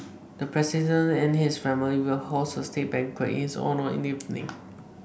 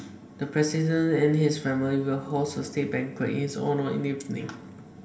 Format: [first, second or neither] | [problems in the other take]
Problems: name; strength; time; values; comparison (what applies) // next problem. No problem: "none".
first | room echo; dies away in 1.6 s